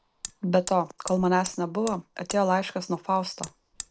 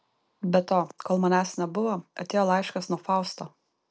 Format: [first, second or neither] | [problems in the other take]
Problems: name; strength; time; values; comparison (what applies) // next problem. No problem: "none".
second | background sound (Hammer); 15 dB below the speech